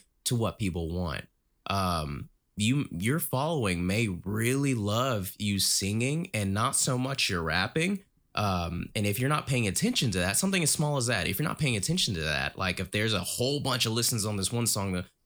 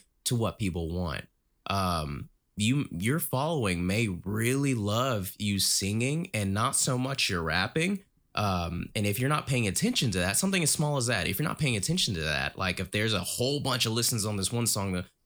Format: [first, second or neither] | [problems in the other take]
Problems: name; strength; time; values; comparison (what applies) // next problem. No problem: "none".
neither | none